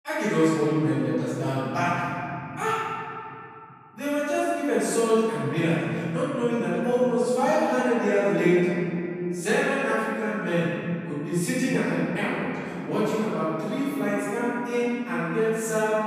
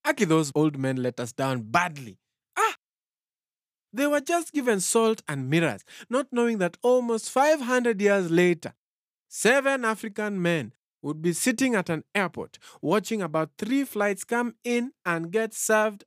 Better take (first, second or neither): second